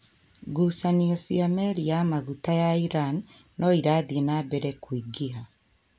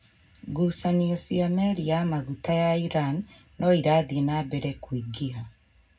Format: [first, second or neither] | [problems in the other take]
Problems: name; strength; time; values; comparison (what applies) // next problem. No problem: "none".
first | room echo; dies away in 0.3 s